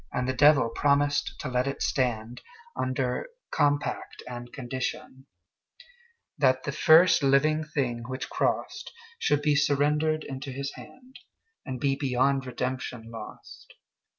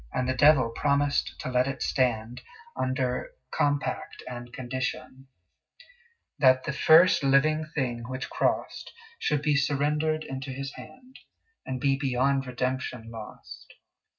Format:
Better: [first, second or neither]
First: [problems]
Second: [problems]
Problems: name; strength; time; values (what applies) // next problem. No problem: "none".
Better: first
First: none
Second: room echo; dies away in 0.4 s